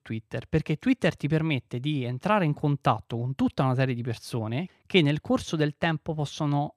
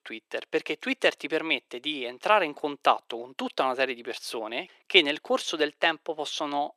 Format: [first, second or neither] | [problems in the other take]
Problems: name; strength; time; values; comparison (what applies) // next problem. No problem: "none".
first | thin; very; fading below 350 Hz